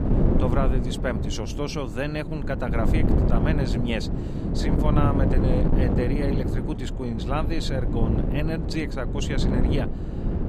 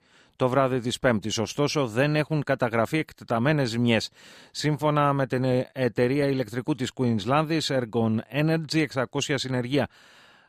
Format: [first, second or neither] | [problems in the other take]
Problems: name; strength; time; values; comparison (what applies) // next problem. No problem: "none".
second | wind noise on the microphone; heavy; 2 dB below the speech